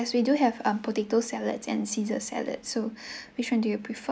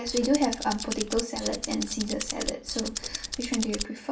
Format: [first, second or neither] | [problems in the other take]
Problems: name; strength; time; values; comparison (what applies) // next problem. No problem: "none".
first | background sound (Tools); 5 dB below the speech // room echo; dies away in 0.3 s